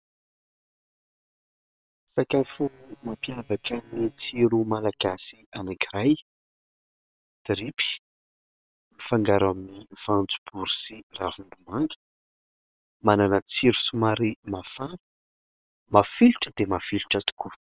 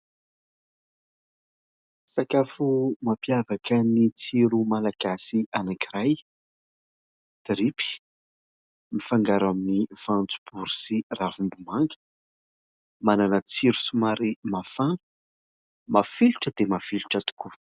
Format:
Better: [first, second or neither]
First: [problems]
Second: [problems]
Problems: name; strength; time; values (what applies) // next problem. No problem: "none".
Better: second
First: noise reduction (neural separator model SepFormer WHAM!)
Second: none